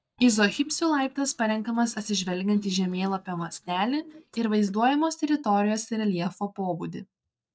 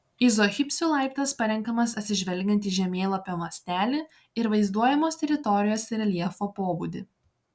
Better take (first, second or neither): second